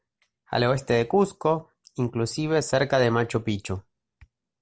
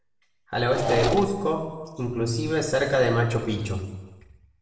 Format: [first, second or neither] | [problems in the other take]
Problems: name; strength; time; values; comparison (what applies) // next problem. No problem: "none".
first | background sound (Engine / Mechanisms); 2 dB below the speech // room echo; dies away in 0.9 s